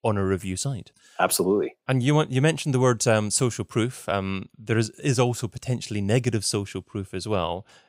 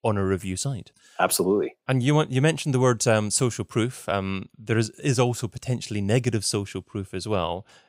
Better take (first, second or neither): neither